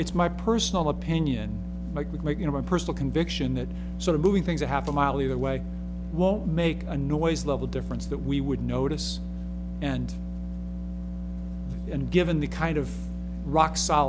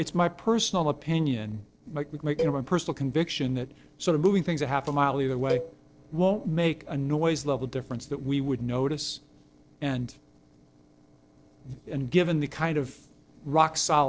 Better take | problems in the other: first | noise reduction (neural separator model SepFormer DNS4)

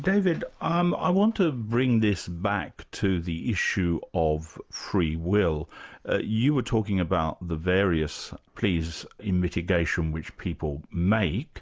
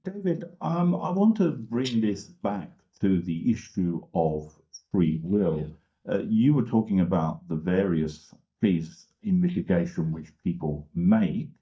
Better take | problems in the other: first | noise reduction (neural mask model DeepFilterNet 3)

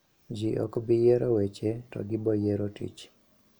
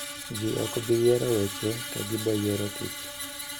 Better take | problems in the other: first | background sound (Screech); 8 dB below the speech

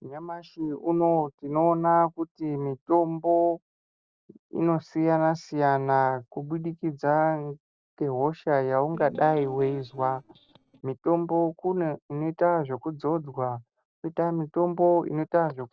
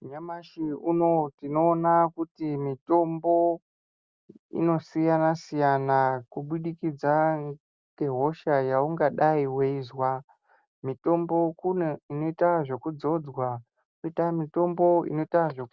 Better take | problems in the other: second | noise reduction (neural separator model SepFormer DNS4)

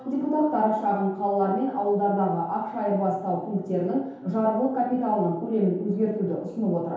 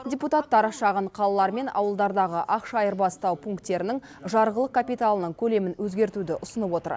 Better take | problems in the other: second | room echo; dies away in 0.8 s

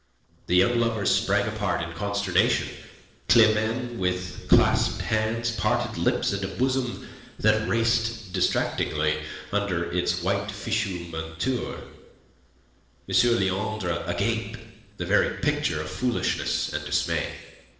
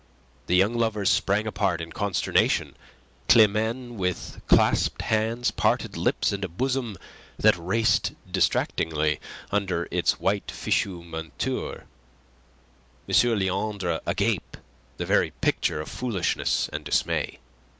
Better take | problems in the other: second | noise reduction (neural separator model SepFormer DNS4)

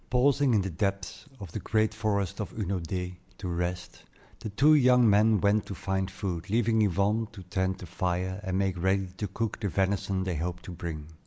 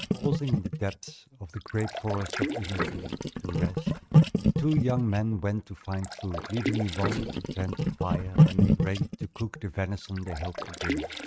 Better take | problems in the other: first | noise reduction (neural mask model RNNoise)

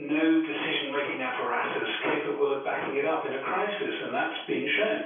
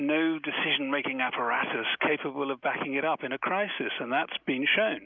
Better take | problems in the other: second | room echo; dies away in 0.6 s

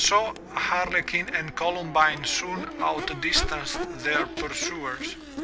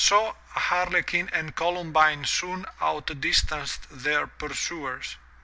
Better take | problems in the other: second | background sound (Crowd / Race car, auto racing / Accelerating, revving, vroom); 10 dB below the speech

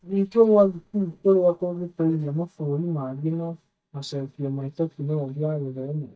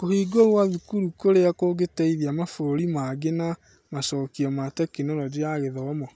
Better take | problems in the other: second | noise reduction (neural mask model DeepFilterNet 3)

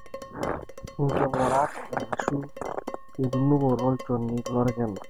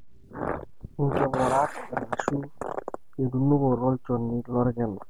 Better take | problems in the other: second | background sound (Dishes, pots, and pans); 15 dB below the speech

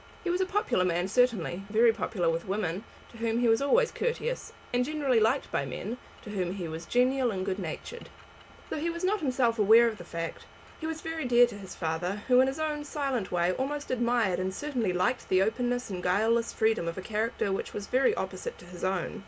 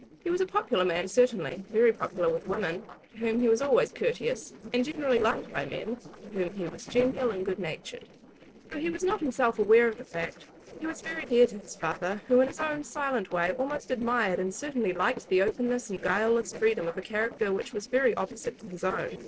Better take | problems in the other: first | noise reduction (neural separator model SepFormer DNS4)

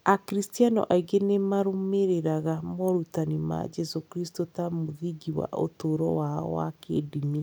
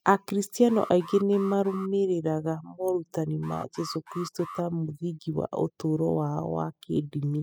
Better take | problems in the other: first | noise reduction (classical method spectral subtraction)

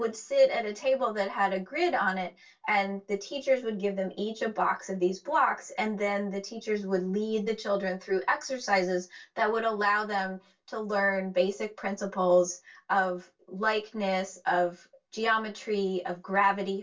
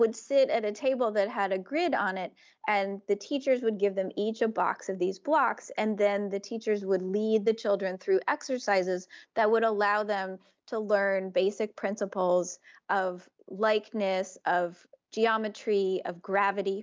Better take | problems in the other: second | room echo; dies away in 0.2 s

